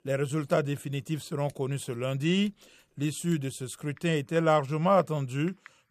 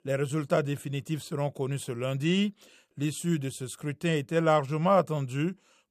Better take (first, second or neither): second